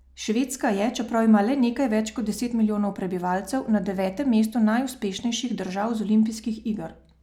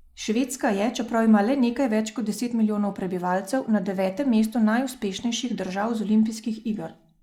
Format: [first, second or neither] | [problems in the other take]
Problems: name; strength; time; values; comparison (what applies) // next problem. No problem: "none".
first | noise reduction (neural mask model Resemble Enhance denoiser)